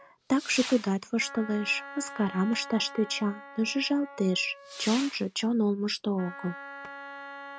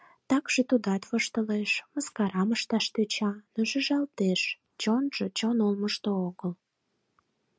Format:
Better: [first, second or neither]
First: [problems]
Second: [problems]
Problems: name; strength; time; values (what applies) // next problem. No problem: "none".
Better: second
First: background sound (Whoosh, swoosh, swish / Fireworks + Wind instrument, woodwind instrument); 13 dB below the speech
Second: none